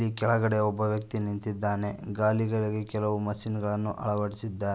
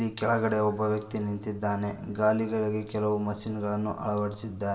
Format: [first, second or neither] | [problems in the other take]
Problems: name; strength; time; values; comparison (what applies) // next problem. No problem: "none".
first | room echo; dies away in 3 s